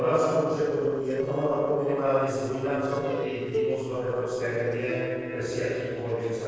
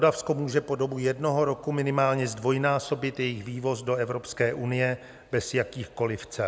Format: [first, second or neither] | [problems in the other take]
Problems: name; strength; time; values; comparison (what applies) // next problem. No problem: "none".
second | noise reduction (neural separator model SepFormer DNS4)